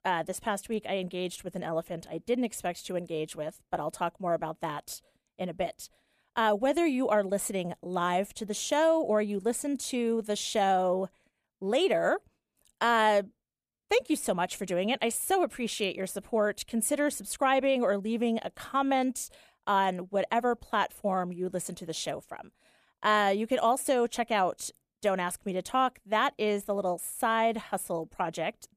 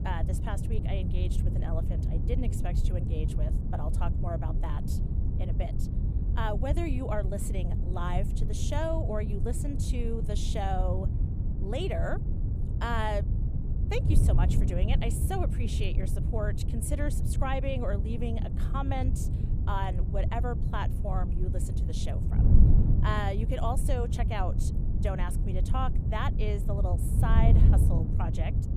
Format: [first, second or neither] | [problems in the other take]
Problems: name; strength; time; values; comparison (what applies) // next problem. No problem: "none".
first | wind noise on the microphone; heavy; 7 dB below the speech